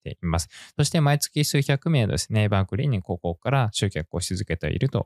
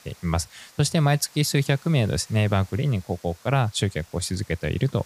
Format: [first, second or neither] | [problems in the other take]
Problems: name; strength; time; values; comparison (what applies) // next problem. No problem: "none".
first | hiss; faint; throughout; 25 dB below the speech